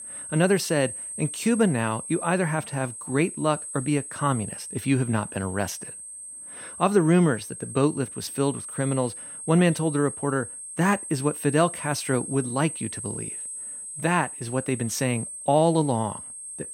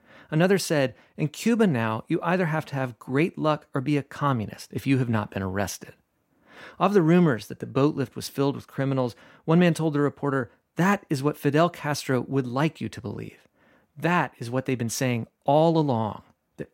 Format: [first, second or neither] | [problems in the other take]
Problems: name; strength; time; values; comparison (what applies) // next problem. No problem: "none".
second | high-pitched whine; loud; throughout; 8.5 kHz, 9 dB below the speech